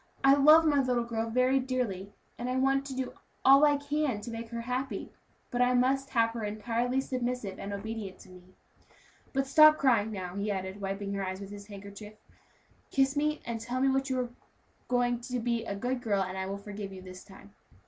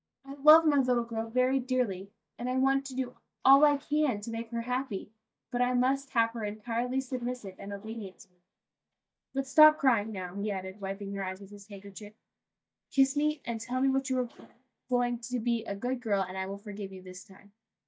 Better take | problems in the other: first | noise reduction (neural mask model DeepFilterNet 3)

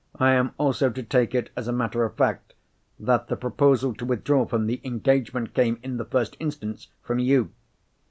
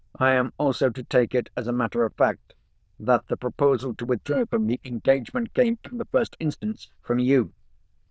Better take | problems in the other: first | noise reduction (neural diffusion model UNIVERSE++)

